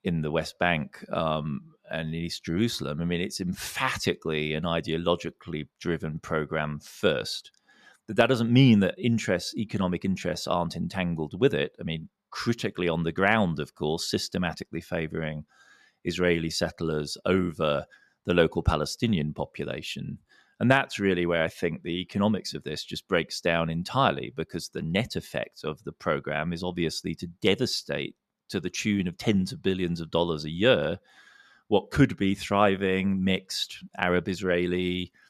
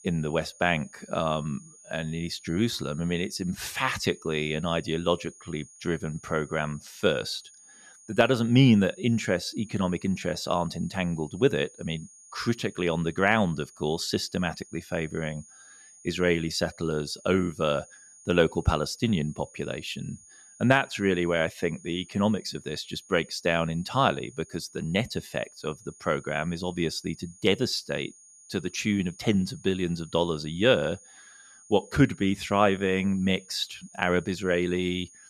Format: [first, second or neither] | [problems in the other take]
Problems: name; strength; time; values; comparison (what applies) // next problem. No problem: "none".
first | high-pitched whine; faint; throughout; 6.5 kHz, 25 dB below the speech